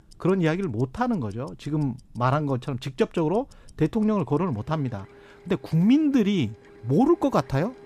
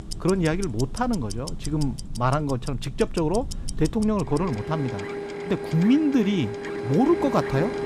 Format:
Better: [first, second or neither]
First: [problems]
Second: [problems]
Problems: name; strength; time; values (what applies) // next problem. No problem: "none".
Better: first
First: household noises; faint; throughout; 30 dB below the speech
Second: household noises; loud; throughout; 9 dB below the speech